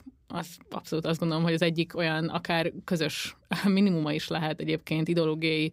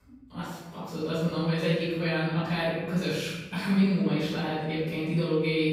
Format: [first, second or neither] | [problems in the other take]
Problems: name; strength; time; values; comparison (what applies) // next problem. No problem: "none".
first | room echo; strong; dies away in 1 s // off-mic speech; far